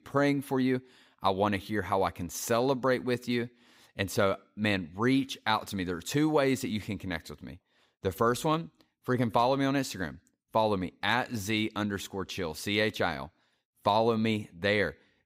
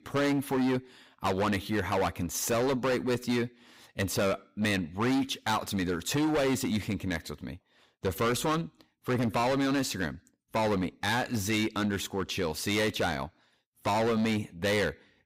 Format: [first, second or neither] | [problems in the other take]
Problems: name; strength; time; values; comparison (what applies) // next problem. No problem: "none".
first | distortion; heavy; 16% of the sound clipped